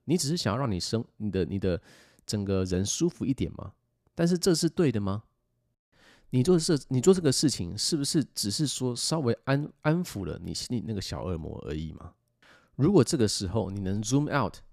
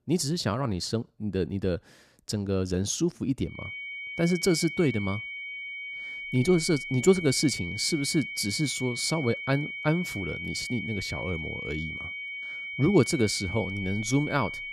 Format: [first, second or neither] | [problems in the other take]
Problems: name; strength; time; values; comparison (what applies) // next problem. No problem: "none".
first | high-pitched whine; loud; from 3.5 s on; 2 kHz, 7 dB below the speech